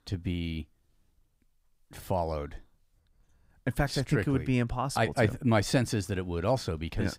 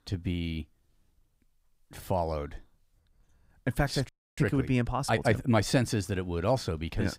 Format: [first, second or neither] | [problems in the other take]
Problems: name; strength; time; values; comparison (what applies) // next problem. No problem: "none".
first | audio freezing; at 4 s